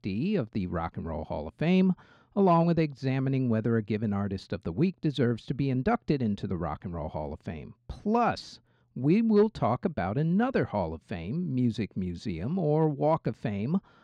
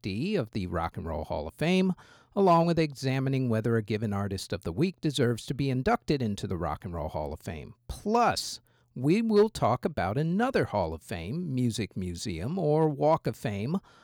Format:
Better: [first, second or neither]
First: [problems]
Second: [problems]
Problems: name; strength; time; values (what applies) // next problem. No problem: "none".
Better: second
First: muffled; very slightly; fading above 3.5 kHz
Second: none